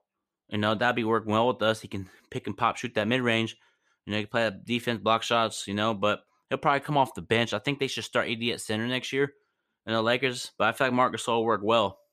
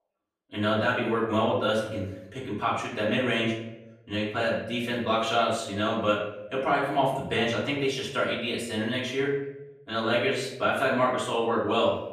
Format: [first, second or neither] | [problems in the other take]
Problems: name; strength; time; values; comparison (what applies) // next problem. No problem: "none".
first | off-mic speech; far // room echo; noticeable; dies away in 0.7 s